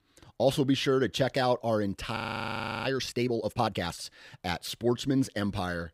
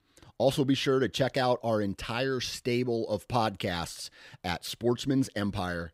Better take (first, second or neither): second